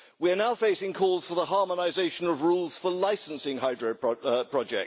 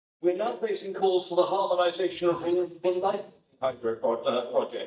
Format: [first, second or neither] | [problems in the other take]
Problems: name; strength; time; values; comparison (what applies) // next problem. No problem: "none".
first | noise reduction (neural mask model DeepFilterNet 3)